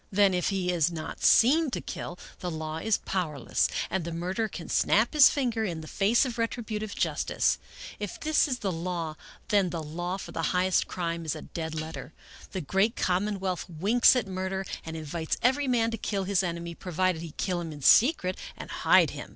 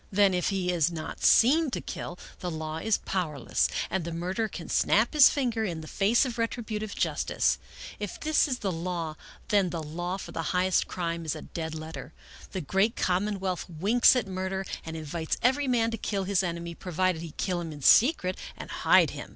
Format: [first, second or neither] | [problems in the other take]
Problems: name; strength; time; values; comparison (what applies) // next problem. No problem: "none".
second | noise reduction (neural separator model SepFormer DNS4)